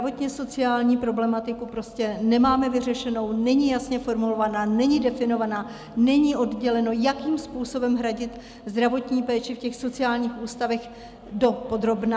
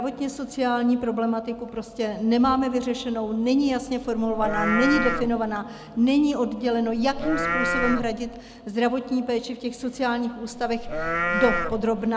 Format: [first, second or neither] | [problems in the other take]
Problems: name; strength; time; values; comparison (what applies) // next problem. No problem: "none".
first | background sound (Livestock, farm animals, working animals); 3 dB below the speech